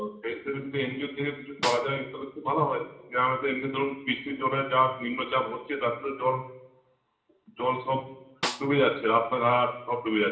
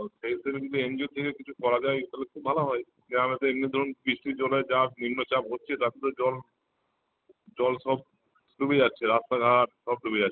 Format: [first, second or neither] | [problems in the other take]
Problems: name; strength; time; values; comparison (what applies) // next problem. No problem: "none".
second | background sound (Snare drum); 8 dB below the speech // room echo; dies away in 0.8 s